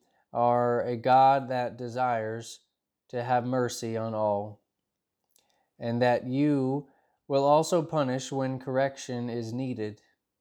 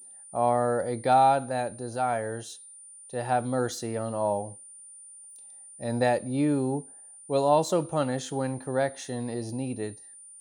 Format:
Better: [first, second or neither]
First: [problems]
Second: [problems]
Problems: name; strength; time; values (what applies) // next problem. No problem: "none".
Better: first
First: none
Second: high-pitched whine; noticeable; throughout; 9 kHz, 20 dB below the speech